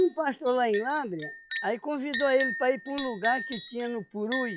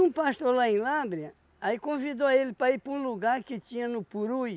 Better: second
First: noise reduction (classical method log-MMSE)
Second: none

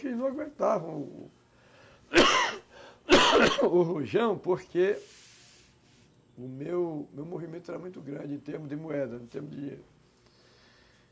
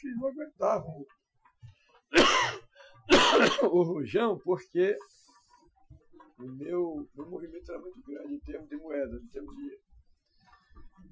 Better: first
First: none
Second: noise reduction (classical method Wiener filter)

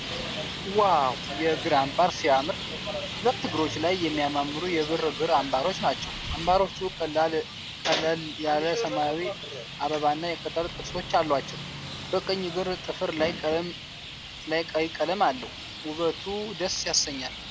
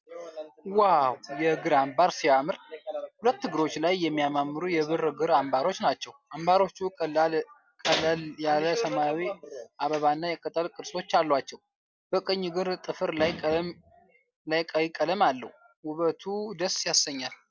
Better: second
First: background sound (Traffic noise, roadway noise); 9 dB below the speech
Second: none

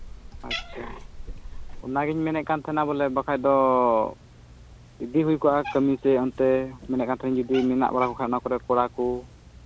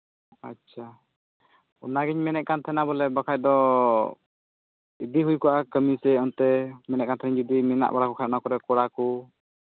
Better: second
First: background sound (Cat); 16 dB below the speech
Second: none

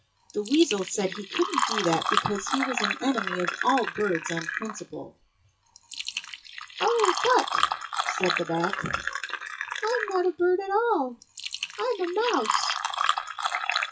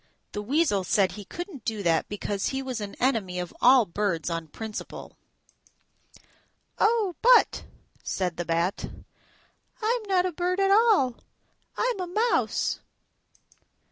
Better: second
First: noise reduction (classical method WPE with log-MMSE)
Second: none

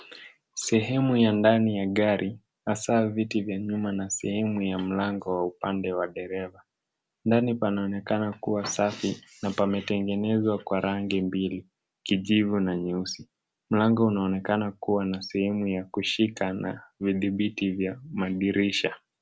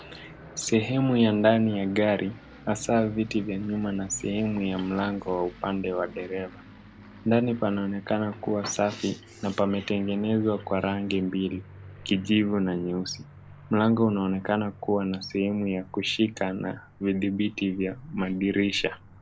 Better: first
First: none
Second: background sound (Aircraft); 20 dB below the speech

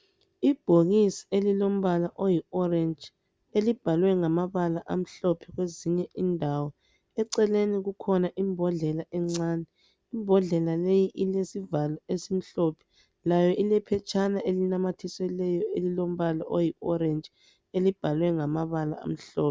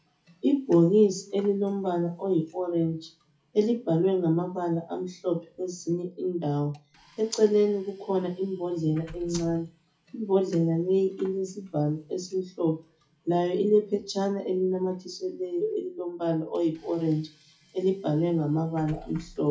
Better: first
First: none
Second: noise reduction (classical method WPE with log-MMSE)

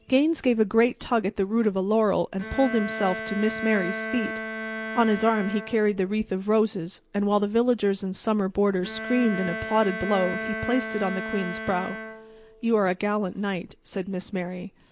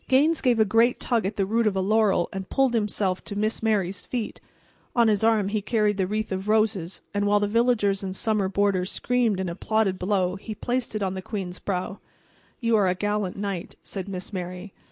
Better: second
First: background sound (Bowed string instrument); 10 dB below the speech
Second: none

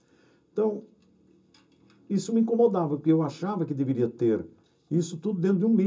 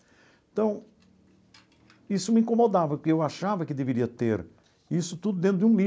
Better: second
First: room echo; dies away in 0.2 s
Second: none

